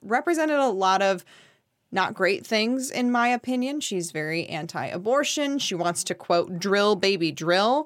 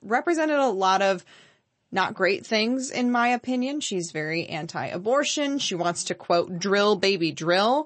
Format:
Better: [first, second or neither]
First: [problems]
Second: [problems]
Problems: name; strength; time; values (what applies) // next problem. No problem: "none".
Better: first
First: none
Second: garbled, watery; slightly; nothing above 8 kHz